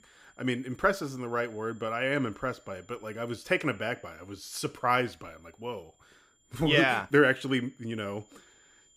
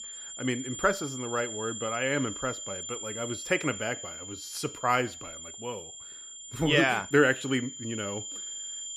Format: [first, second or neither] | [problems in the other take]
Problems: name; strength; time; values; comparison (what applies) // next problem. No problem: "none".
first | high-pitched whine; loud; throughout; 7 kHz, 9 dB below the speech; faint in the first